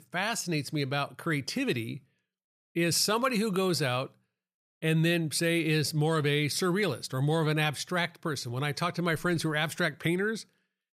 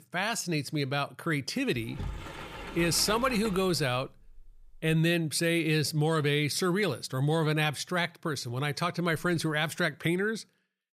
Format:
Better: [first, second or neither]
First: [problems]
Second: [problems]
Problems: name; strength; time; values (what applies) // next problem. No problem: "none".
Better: first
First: none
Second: door banging; faint; from 2 to 5 s; peak 10 dB below the speech